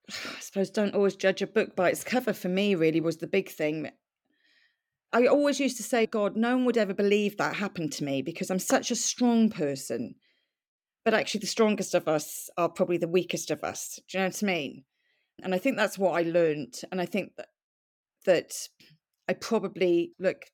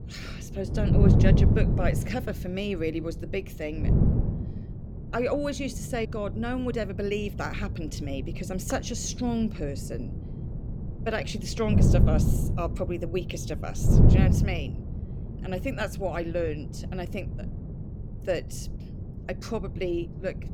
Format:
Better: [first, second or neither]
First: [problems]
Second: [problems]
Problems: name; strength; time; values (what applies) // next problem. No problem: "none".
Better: first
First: none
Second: wind noise on the microphone; heavy; 5 dB below the speech